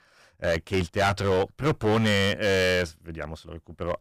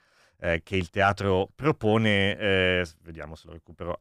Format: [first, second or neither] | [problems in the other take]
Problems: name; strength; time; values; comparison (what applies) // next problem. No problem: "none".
second | distortion; heavy; 9% of the sound clipped